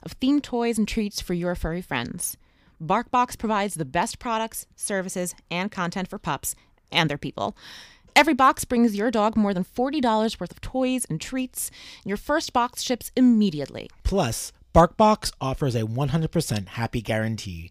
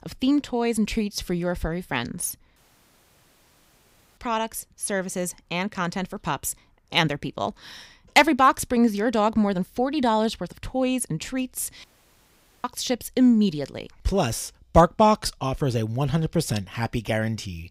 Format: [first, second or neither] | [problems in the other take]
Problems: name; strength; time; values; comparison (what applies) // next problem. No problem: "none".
first | audio cutting out; at 2.5 s for 1.5 s and at 12 s for 1 s